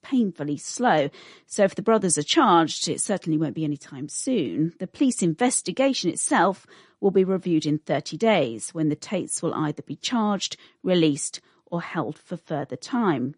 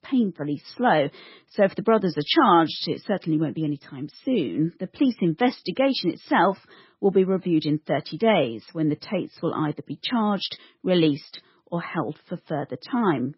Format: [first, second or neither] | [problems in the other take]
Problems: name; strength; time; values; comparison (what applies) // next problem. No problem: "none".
first | garbled, watery; badly; nothing above 5.5 kHz; slightly in the first